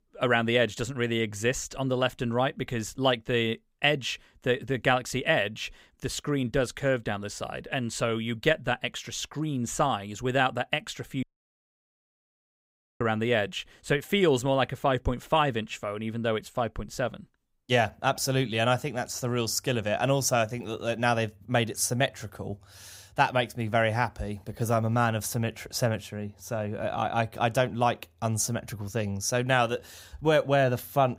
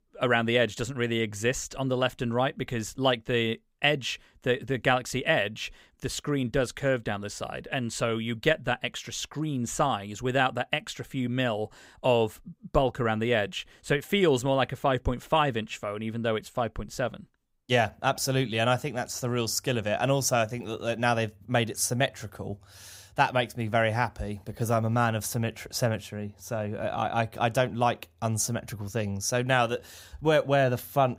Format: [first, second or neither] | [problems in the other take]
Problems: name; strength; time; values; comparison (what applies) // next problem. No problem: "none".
second | audio cutting out; at 11 s for 2 s